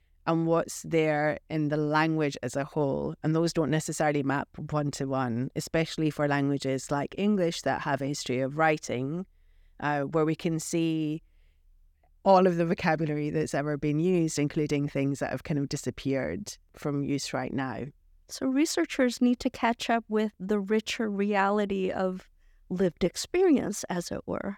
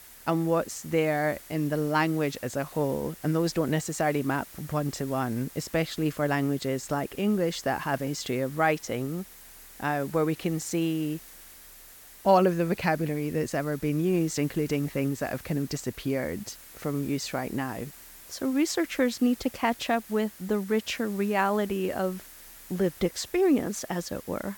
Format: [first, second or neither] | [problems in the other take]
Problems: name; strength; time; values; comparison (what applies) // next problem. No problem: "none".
first | hiss; noticeable; throughout; 20 dB below the speech